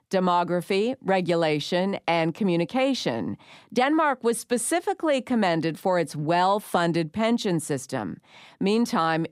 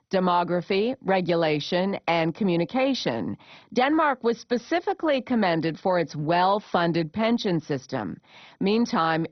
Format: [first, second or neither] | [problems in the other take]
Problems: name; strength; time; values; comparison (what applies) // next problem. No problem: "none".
first | garbled, watery; badly; nothing above 6 kHz